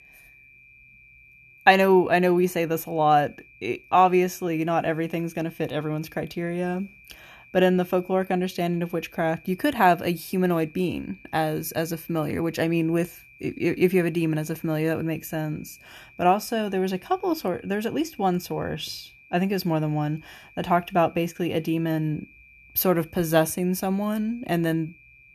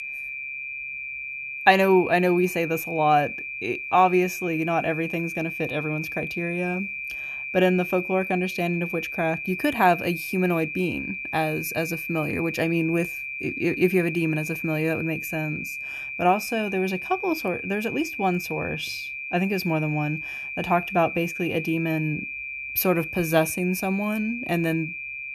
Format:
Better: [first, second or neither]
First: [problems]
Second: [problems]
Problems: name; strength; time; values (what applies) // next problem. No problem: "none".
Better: first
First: high-pitched whine; faint; throughout; 2.5 kHz, 25 dB below the speech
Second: high-pitched whine; loud; throughout; 2.5 kHz, 6 dB below the speech